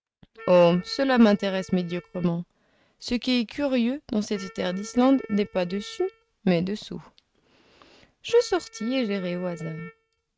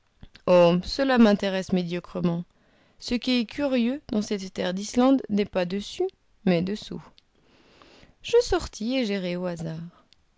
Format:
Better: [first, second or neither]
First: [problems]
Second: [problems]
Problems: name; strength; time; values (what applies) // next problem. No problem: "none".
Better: second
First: noise reduction (neural mask model RNNoise)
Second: none